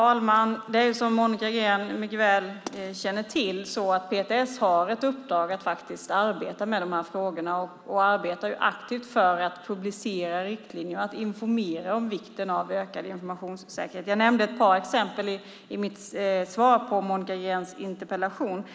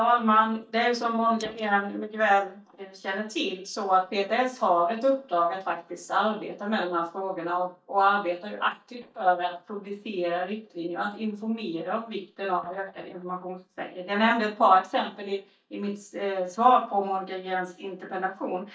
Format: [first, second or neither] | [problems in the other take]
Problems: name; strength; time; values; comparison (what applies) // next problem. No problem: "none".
first | noise reduction (neural mask model DeepFilterNet 3)